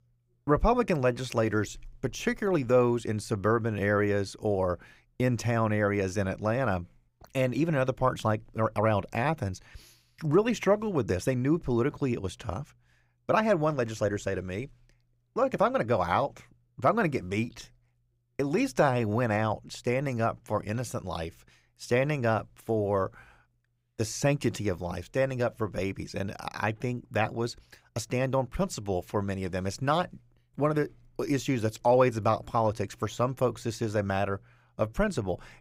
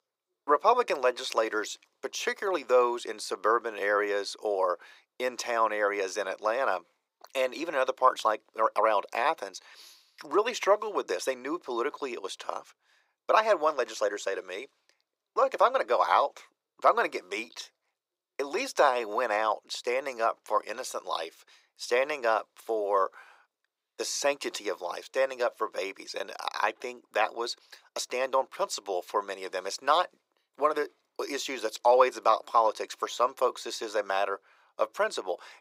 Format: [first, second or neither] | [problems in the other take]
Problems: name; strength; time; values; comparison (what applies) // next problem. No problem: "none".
first | thin; very; fading below 400 Hz